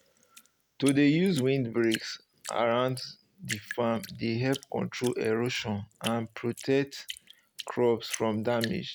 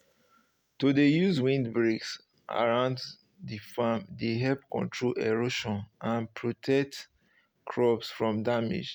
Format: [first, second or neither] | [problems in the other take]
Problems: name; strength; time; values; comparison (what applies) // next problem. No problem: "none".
second | background sound (Drip); 15 dB below the speech